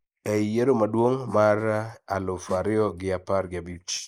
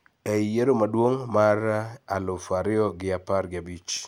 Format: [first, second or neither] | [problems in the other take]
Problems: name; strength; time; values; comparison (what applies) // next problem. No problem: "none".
second | noise reduction (neural mask model Resemble Enhance denoiser)